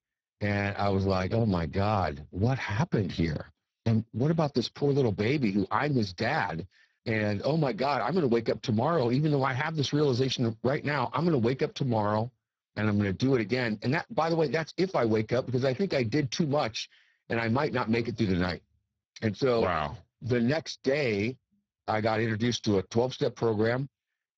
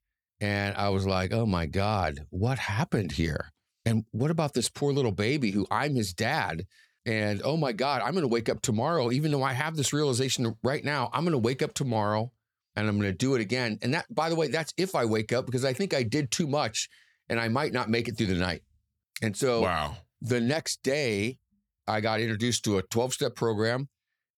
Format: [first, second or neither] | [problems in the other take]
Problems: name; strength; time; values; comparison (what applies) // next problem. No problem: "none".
second | garbled, watery; badly